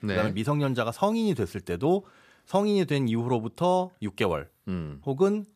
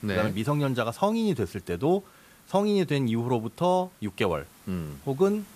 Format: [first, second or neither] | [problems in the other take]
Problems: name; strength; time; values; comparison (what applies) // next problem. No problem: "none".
first | hiss; faint; throughout; 25 dB below the speech